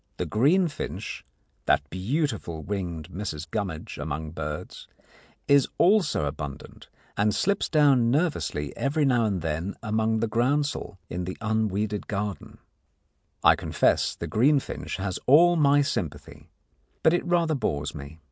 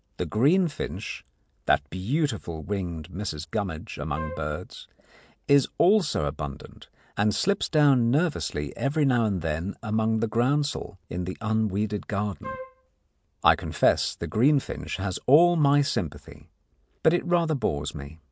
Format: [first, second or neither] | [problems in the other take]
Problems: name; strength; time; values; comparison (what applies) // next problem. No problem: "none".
first | background sound (Wind instrument, woodwind instrument); 13 dB below the speech